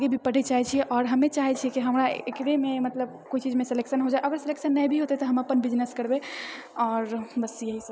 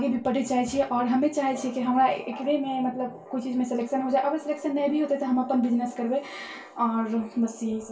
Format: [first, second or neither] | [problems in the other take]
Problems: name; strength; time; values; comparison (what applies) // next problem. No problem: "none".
first | room echo; dies away in 0.2 s